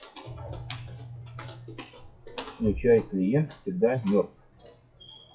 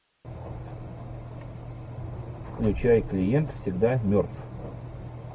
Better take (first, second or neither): second